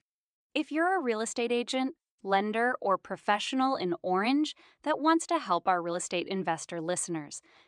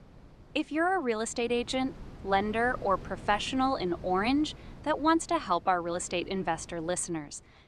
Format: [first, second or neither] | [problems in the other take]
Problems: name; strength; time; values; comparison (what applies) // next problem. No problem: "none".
first | wind noise on the microphone; occasional gusts; 25 dB below the speech